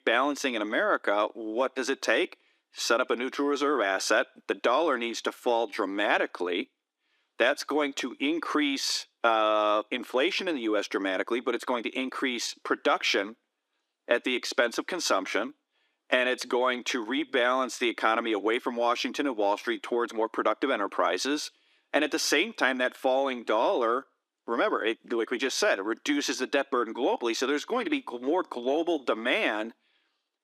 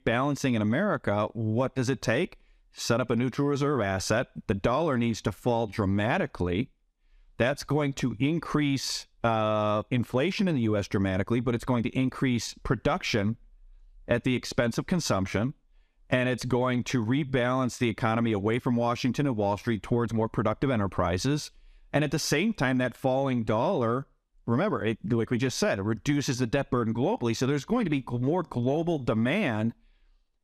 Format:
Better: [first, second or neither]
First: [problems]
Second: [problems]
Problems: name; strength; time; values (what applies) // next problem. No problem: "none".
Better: second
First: thin; somewhat; fading below 300 Hz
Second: none